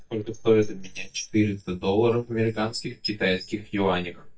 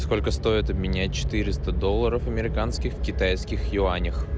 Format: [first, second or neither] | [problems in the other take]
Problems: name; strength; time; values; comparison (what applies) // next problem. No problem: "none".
second | noise reduction (neural mask model DeepFilterNet 3)